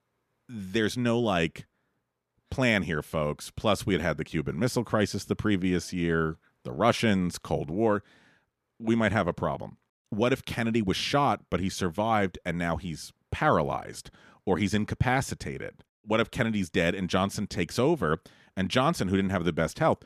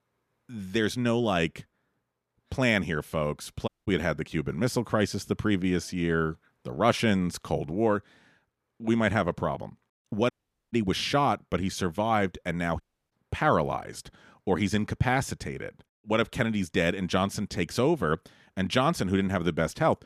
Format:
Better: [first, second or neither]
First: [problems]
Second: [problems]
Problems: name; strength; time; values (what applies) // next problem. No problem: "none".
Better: first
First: none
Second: audio cutting out; at 3.5 s, at 10 s and at 13 s